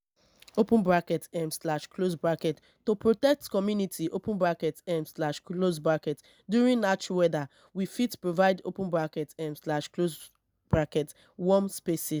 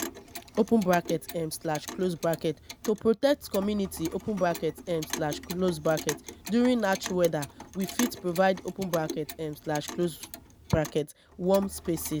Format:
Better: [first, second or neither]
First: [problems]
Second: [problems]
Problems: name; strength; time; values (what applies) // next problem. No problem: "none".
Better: first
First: none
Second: background sound (Clock); 13 dB below the speech